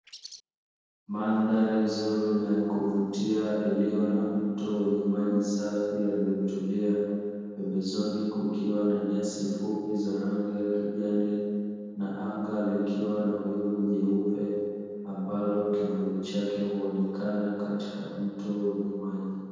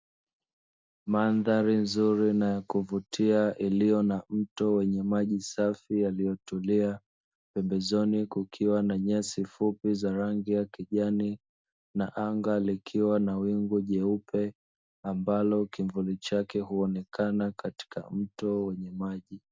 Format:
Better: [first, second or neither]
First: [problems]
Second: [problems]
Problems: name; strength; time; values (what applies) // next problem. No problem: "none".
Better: second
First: noise reduction (neural separator model SepFormer DNS4)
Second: none